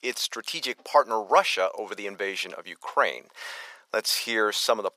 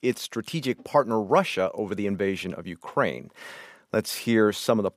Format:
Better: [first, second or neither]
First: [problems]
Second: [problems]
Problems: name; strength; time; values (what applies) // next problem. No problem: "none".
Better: second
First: thin; very; fading below 750 Hz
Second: none